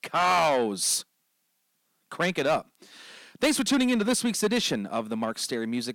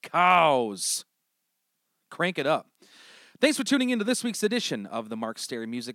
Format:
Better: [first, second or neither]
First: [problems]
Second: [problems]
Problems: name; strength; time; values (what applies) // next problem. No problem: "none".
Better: second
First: distortion; heavy; 7 dB below the speech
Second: none